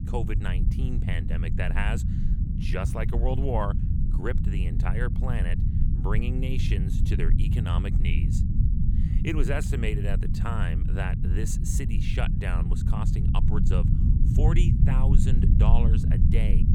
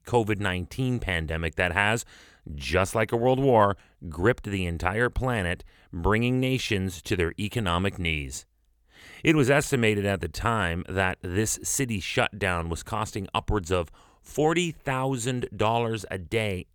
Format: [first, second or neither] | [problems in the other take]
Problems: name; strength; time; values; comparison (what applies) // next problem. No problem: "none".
second | low rumble; loud; throughout; 4 dB below the speech